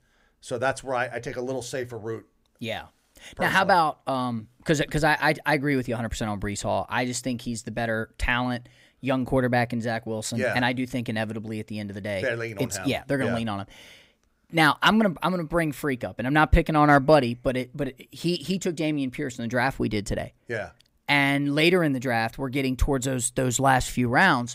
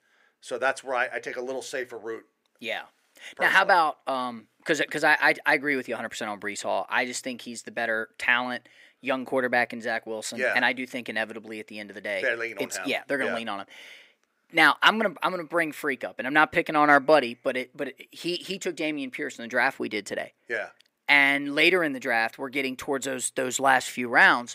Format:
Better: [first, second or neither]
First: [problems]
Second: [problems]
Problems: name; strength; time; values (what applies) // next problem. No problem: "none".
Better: first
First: none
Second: thin; somewhat; fading below 350 Hz